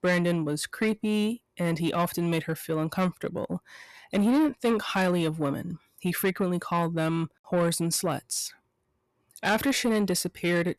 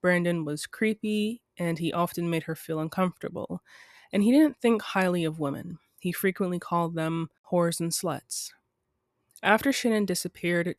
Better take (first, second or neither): second